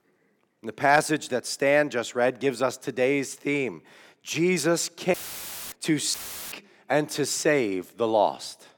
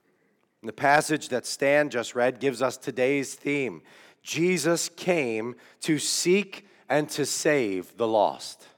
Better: second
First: audio cutting out; filled with static; at 5 s for 0.5 s and at 6 s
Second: none

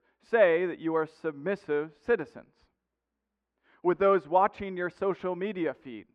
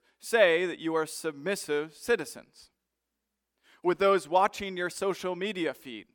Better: second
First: muffled; very; fading above 1.5 kHz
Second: none

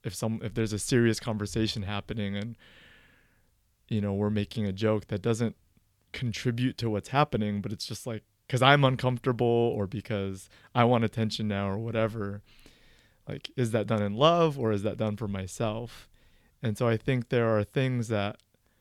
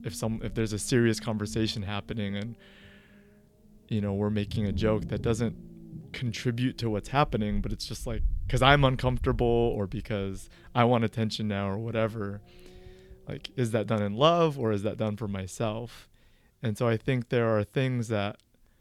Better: first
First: none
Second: low rumble; faint; throughout; 25 dB below the speech

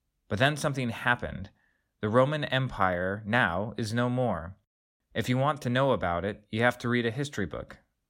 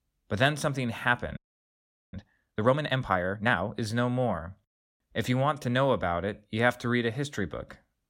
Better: first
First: none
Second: audio freezing; at 1.5 s for 1 s

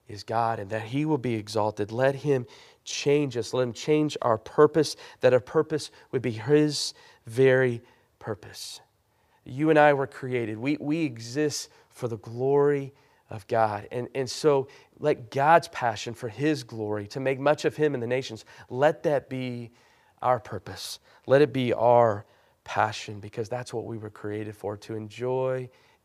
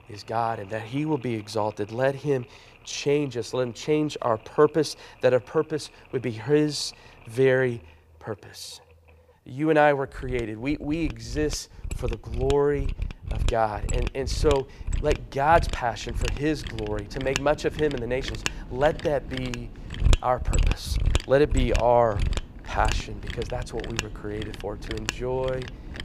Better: first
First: none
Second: machinery noise; loud; throughout; 6 dB below the speech

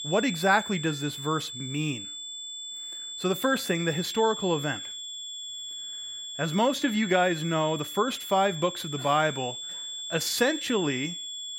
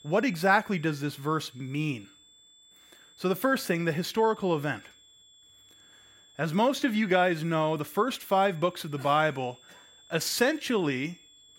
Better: second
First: high-pitched whine; loud; throughout; 3.5 kHz, 8 dB below the speech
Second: high-pitched whine; faint; throughout; 3.5 kHz, 25 dB below the speech

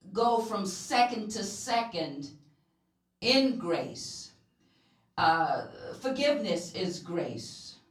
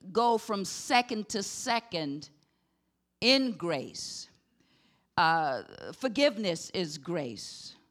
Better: second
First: off-mic speech; far // room echo; slight; dies away in 0.3 s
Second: none

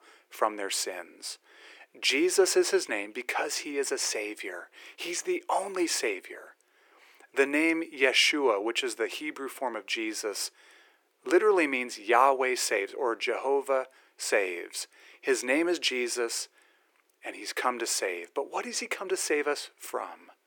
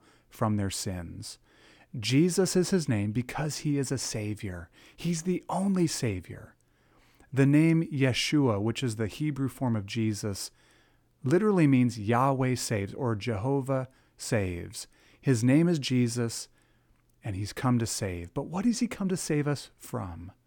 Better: second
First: thin; very; fading below 350 Hz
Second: none

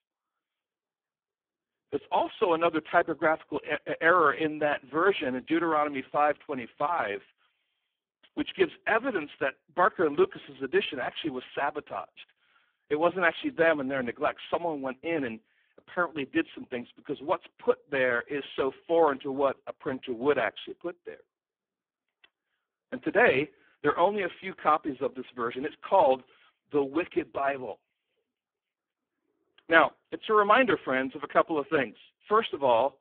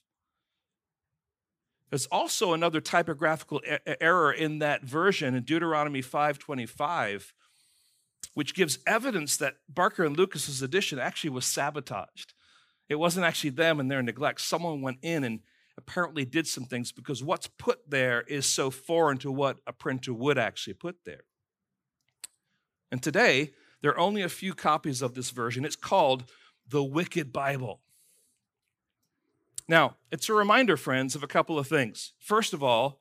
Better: second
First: phone-call audio; poor line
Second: none

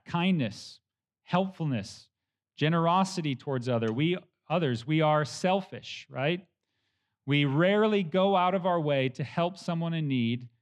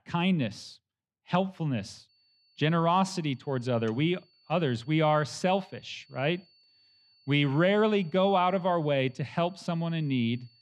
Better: first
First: none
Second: high-pitched whine; faint; from 2 s on; 4.5 kHz, 35 dB below the speech

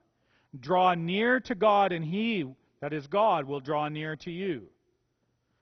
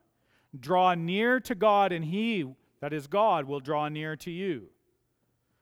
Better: second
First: garbled, watery; badly; nothing above 6 kHz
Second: none

